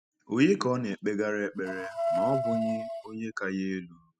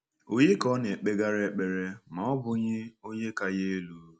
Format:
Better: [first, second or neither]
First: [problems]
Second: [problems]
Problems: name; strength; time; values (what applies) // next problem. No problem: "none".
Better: second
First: noise reduction (classical method spectral subtraction)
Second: none